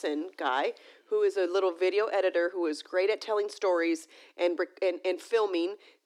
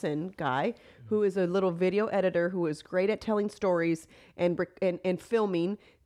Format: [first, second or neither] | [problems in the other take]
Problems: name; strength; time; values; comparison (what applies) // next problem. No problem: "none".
second | thin; somewhat; fading below 300 Hz